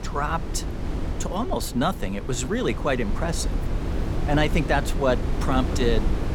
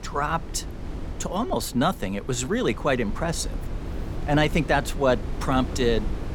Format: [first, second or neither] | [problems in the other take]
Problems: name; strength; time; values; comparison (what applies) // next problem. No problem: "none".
second | wind noise on the microphone; heavy; 10 dB below the speech; occasional gusts in the second